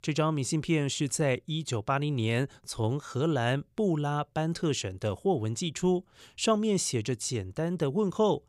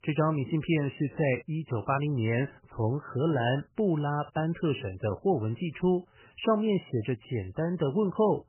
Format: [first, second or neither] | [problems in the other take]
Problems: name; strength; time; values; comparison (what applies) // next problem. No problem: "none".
first | garbled, watery; badly; nothing above 3 kHz